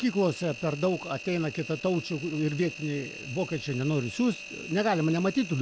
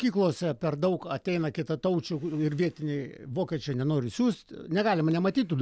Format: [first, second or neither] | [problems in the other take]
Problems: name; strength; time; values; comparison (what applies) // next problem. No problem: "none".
second | background sound (Engine); 14 dB below the speech